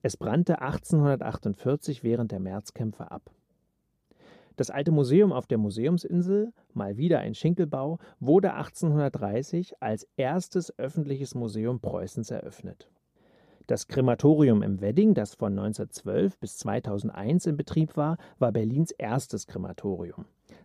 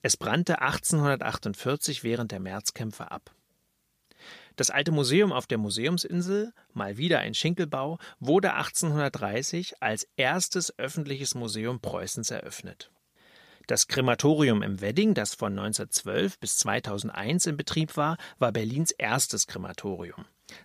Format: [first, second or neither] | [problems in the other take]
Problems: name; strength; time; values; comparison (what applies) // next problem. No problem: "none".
second | muffled; slightly; fading above 1 kHz